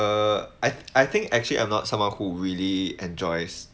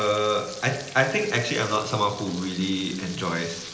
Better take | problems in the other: first | background sound (Frying (food)); 15 dB below the speech // room echo; dies away in 0.9 s

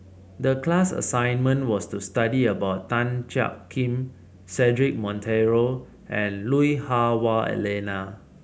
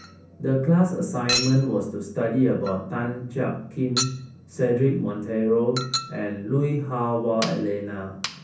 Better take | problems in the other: first | background sound (Chink, clink); 10 dB below the speech // room echo; dies away in 0.6 s

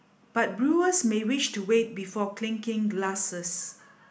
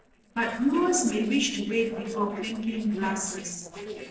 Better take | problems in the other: first | noise reduction (neural separator model SepFormer DNS4)

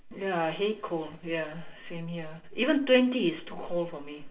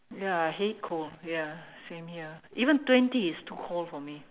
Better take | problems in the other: second | room echo; dies away in 0.3 s

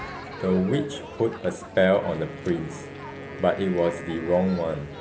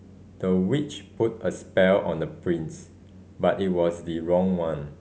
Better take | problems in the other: second | background sound (Crowd + Wind instrument, woodwind instrument); 11 dB below the speech

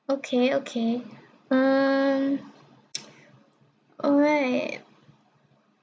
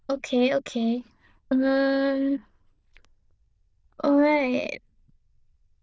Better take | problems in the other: first | noise reduction (neural diffusion model UNIVERSE++)

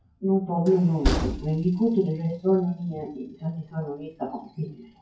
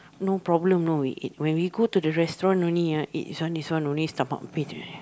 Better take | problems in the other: second | noise reduction (classical method WPE with log-MMSE)

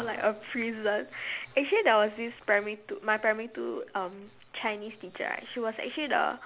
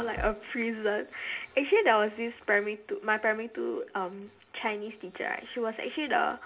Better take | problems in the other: first | background sound (Bass drum); 9 dB below the speech // room echo; dies away in 0.3 s

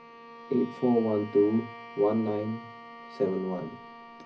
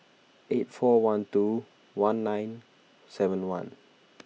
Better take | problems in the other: second | background sound (Bowed string instrument); 16 dB below the speech // room echo; dies away in 0.4 s

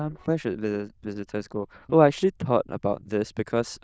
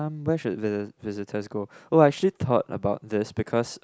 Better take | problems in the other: second | noise reduction (neural diffusion model UNIVERSE++)

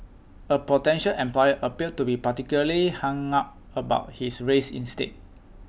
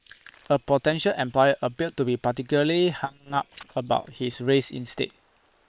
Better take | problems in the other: first | noise reduction (neural separator model SepFormer WHAM!)

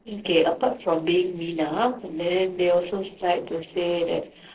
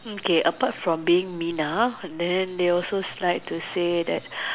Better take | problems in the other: second | noise reduction (neural separator model SepFormer DNS4)

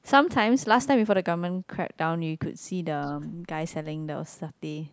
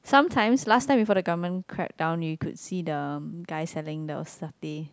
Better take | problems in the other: second | noise reduction (neural mask model Resemble Enhance denoiser)

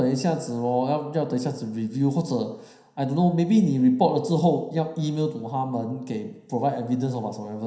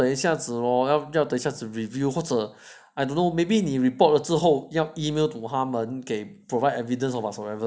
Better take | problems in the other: second | room echo; dies away in 0.9 s

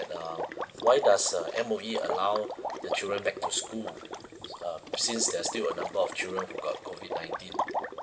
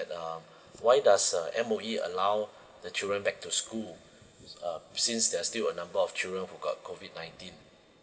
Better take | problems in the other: second | background sound (Water / Liquid); 5 dB below the speech

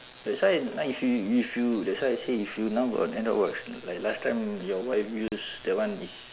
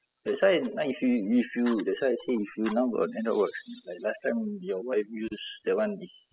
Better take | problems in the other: first | noise reduction (classical method spectral subtraction)

